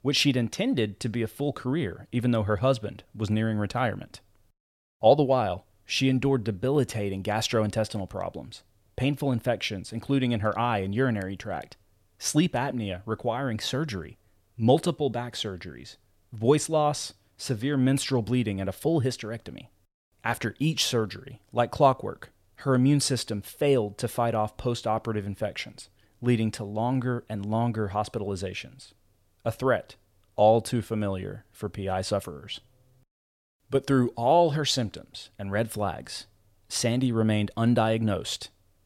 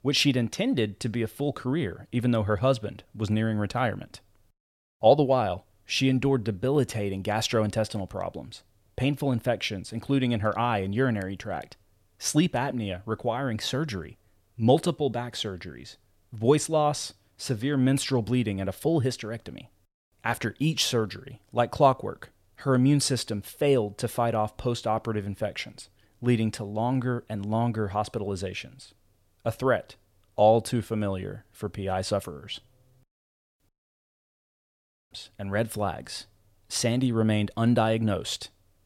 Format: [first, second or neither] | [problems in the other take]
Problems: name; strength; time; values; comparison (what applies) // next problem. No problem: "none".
first | audio cutting out; at 34 s for 1.5 s